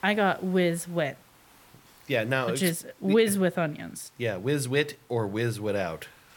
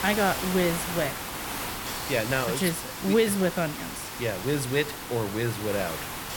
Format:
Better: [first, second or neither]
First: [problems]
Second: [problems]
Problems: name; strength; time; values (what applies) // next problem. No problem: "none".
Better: first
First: hiss; faint; throughout; 30 dB below the speech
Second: hiss; loud; throughout; 5 dB below the speech